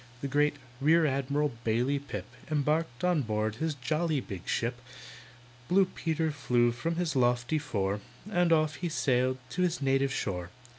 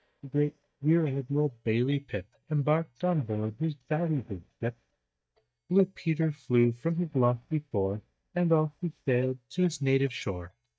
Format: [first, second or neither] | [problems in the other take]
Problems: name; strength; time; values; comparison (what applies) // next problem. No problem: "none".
first | noise reduction (neural mask model DeepFilterNet 3)